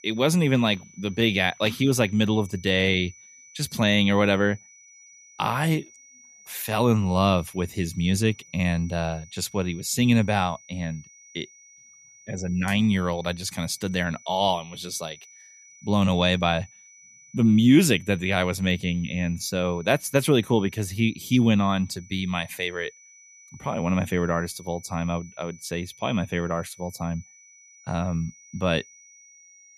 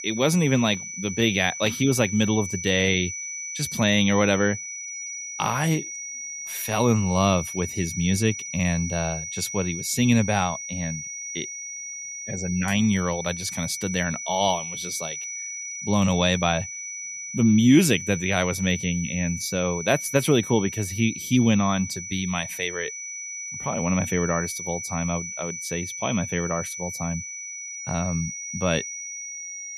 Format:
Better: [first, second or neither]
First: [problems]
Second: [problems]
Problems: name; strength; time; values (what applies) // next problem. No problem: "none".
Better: first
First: high-pitched whine; faint; throughout; 6 kHz, 25 dB below the speech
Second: high-pitched whine; loud; throughout; 6 kHz, 8 dB below the speech